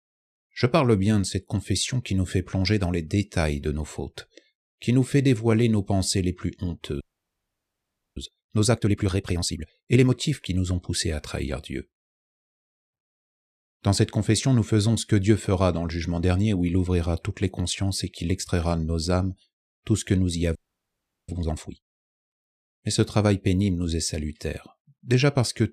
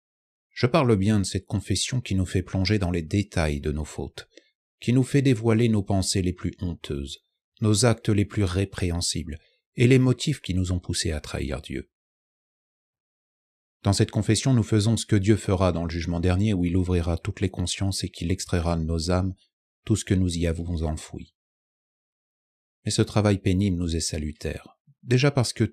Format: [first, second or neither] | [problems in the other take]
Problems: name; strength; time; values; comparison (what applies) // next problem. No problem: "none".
second | audio freezing; at 7 s for 1 s and at 21 s for 0.5 s